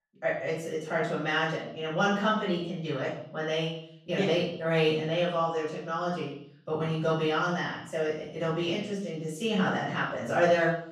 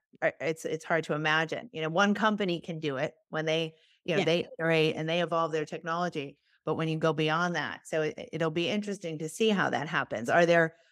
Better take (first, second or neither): second